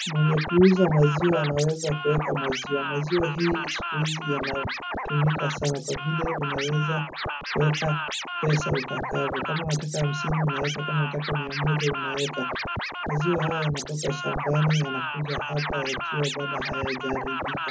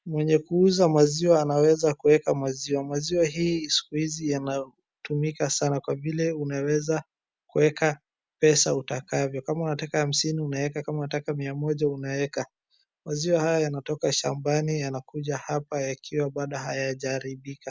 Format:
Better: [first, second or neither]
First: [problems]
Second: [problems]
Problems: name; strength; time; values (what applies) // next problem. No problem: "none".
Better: second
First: background sound (Scratching (performance technique)); 4 dB below the speech // room echo; dies away in 0.3 s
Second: none